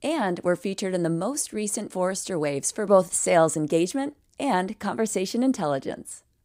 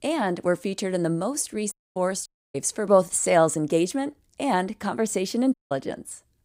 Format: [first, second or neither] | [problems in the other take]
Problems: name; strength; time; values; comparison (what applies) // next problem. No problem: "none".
first | audio cutting out; at 1.5 s, at 2.5 s and at 5.5 s